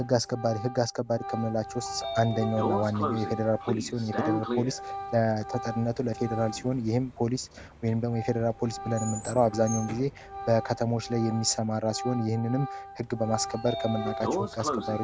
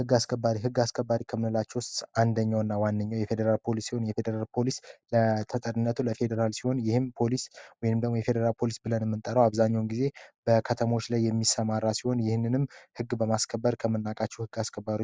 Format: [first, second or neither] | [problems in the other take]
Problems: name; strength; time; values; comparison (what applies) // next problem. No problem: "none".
second | background sound (Sliding door / Train + Organ); 7 dB below the speech